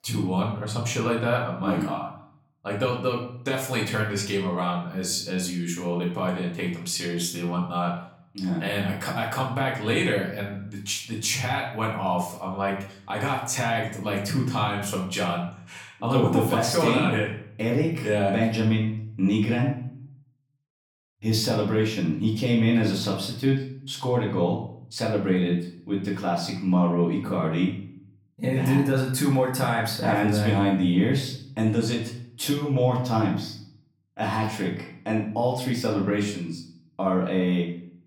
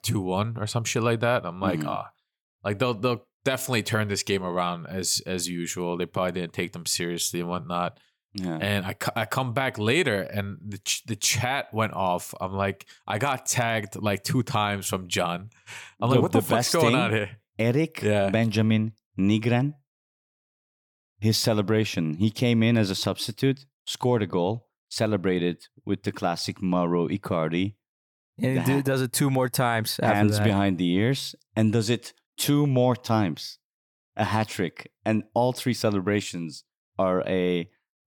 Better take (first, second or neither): second